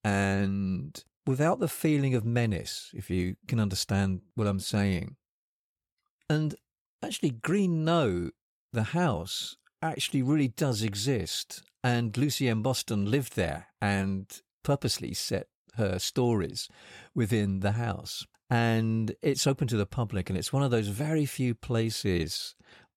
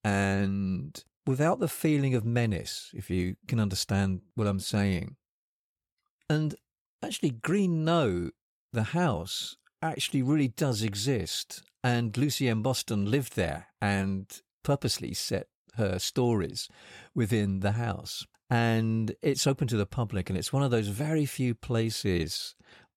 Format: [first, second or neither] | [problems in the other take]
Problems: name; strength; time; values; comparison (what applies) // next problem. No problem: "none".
neither | none